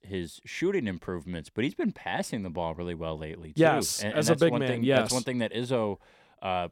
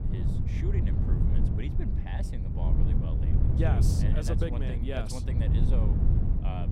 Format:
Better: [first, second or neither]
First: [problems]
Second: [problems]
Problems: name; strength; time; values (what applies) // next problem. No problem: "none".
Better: first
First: none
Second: wind noise on the microphone; heavy; 1 dB below the speech